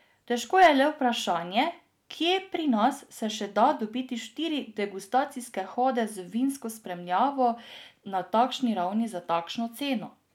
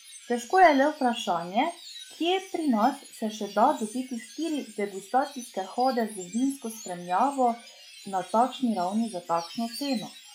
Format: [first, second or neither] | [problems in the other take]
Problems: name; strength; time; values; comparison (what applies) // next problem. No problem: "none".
first | noise reduction (classical method log-MMSE)